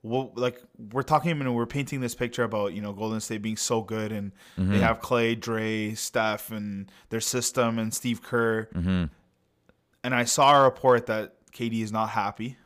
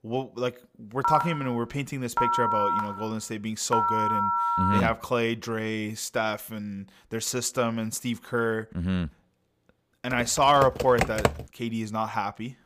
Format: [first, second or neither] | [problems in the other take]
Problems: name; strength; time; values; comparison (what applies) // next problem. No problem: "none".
first | phone ringing; loud; from 1 to 5 s; peak 4 dB above the speech // keyboard typing; loud; from 10 to 11 s; peak 2 dB above the speech